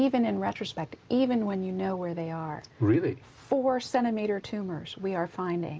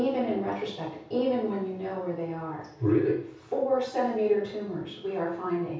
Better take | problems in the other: first | room echo; dies away in 0.6 s

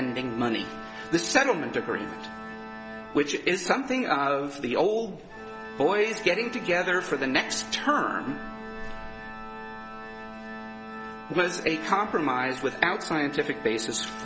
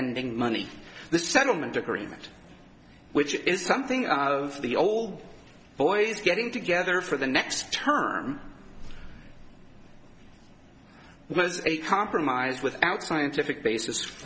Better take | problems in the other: second | background sound (Organ); 12 dB below the speech

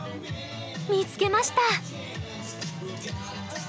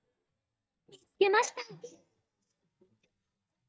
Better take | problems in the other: first | noise reduction (neural mask model DeepFilterNet 3)

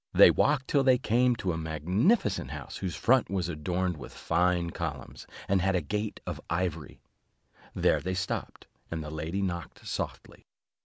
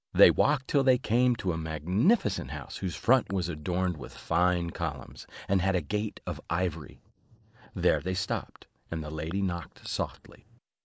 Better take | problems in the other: first | noise reduction (neural mask model Resemble Enhance denoiser)

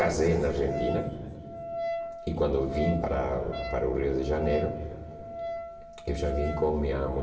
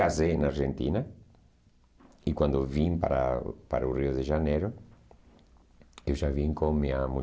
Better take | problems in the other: second | background sound (Wind instrument, woodwind instrument); 8 dB below the speech // room echo; dies away in 2.4 s

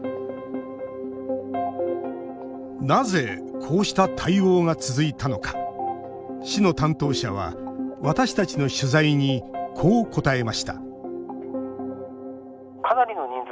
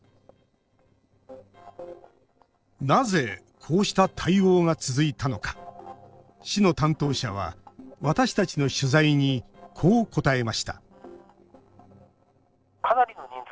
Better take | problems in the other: first | noise reduction (neural separator model SepFormer DNS4)

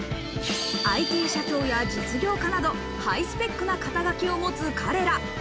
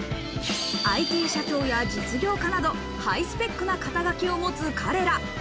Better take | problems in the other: second | background sound (Wind instrument, woodwind instrument); 13 dB below the speech

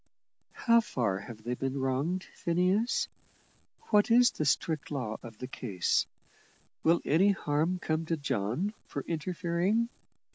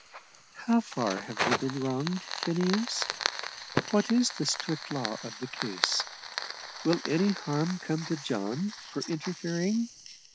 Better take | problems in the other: first | background sound (Fire); 6 dB below the speech

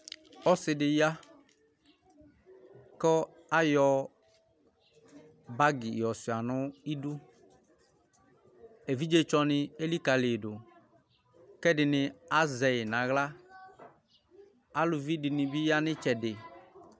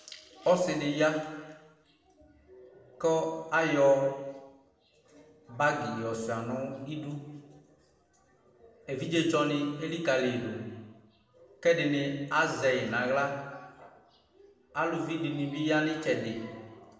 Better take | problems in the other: first | room echo; dies away in 1.1 s

